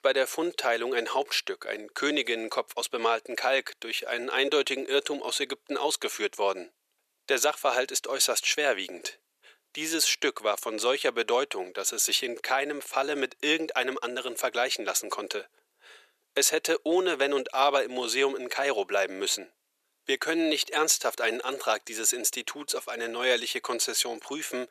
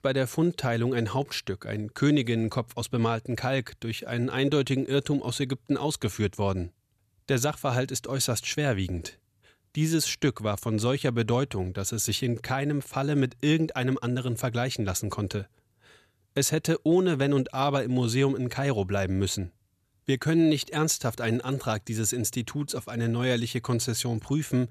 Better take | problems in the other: second | thin; very; fading below 400 Hz

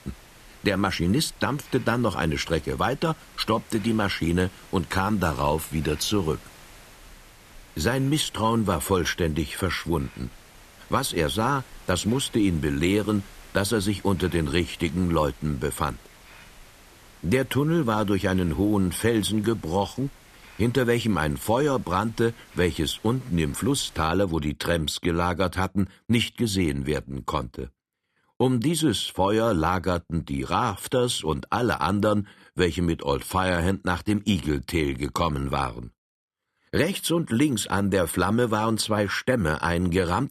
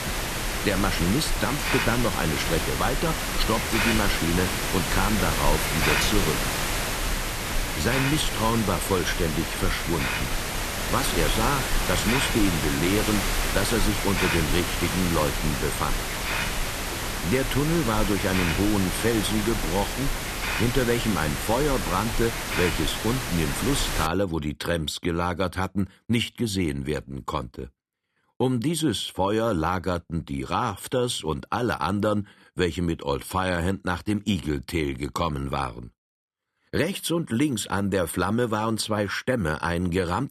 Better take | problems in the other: first | hiss; loud; until 24 s; as loud as the speech; faint in the first

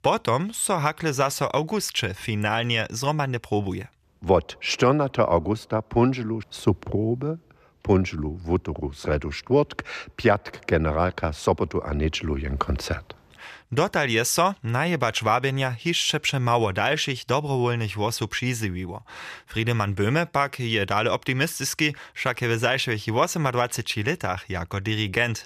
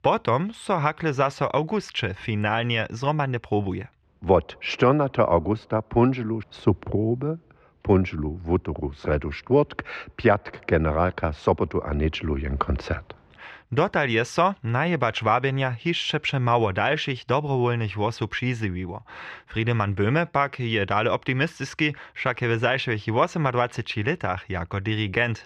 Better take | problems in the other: first | muffled; slightly; fading above 3 kHz

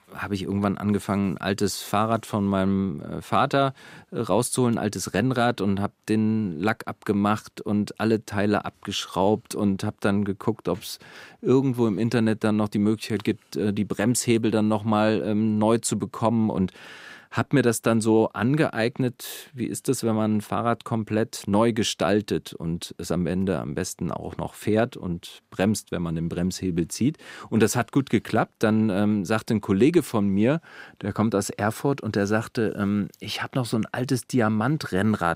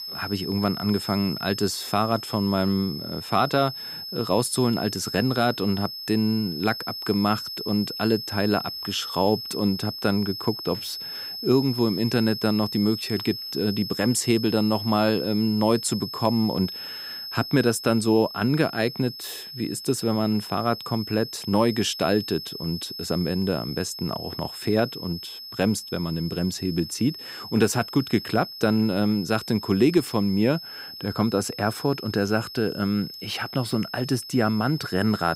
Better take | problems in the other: first | high-pitched whine; loud; throughout; 5 kHz, 9 dB below the speech

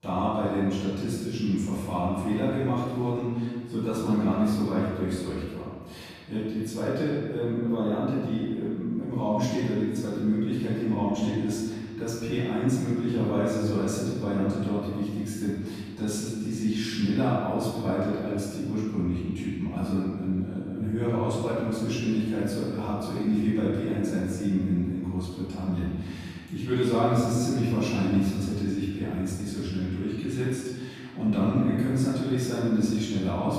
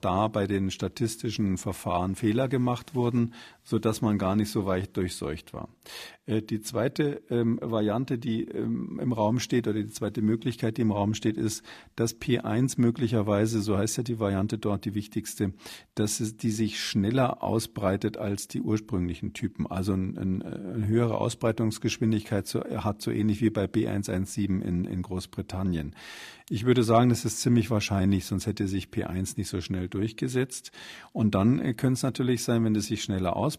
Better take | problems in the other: second | room echo; strong; dies away in 1.6 s // off-mic speech; far

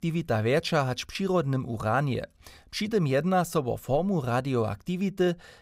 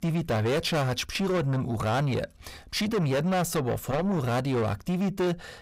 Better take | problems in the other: first | distortion; heavy; 7 dB below the speech

